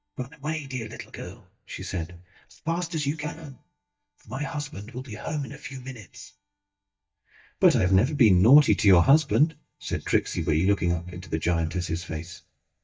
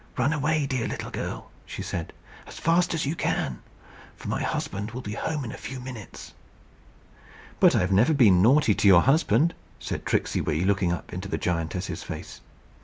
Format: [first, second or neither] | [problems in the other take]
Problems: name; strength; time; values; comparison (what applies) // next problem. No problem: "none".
second | noise reduction (neural mask model DeepFilterNet 3)